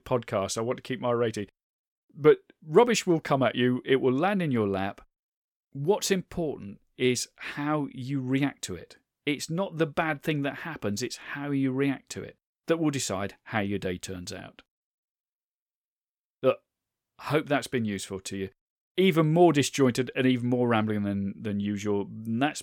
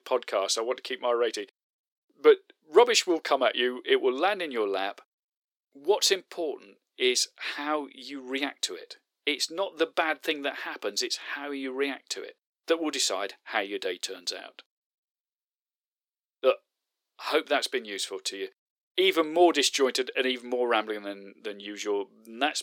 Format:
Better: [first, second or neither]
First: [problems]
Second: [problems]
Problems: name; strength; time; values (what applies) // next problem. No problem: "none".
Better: first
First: none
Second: thin; somewhat; fading below 350 Hz